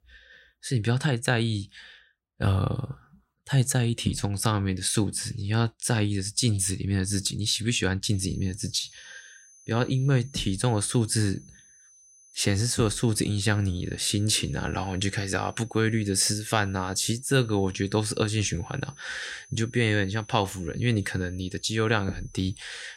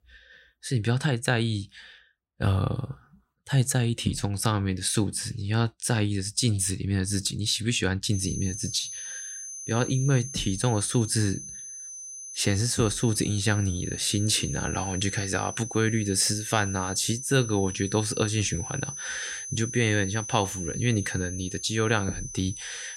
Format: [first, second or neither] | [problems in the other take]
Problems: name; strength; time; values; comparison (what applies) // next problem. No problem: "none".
first | high-pitched whine; loud; from 8 s on; 6 kHz, 9 dB below the speech; faint in the first